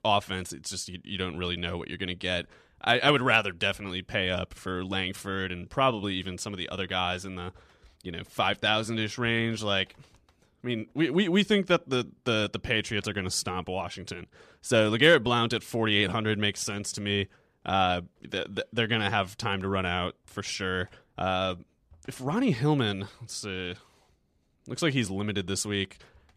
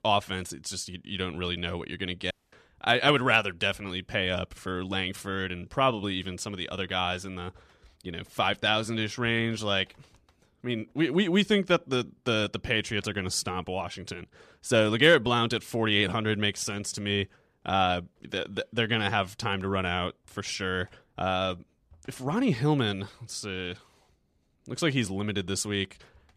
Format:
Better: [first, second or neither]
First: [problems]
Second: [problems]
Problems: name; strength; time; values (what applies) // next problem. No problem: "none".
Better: first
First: none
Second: audio cutting out; at 2.5 s